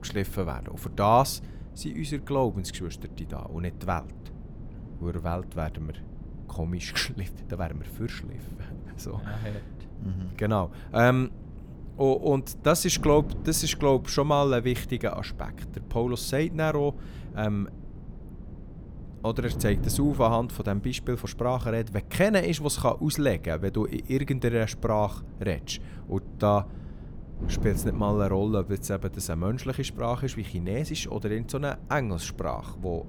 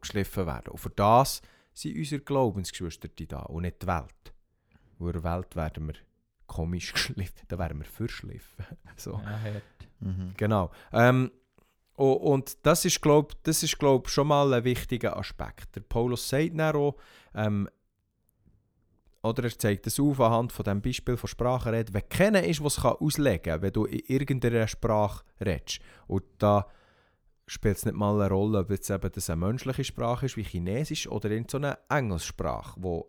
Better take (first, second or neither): second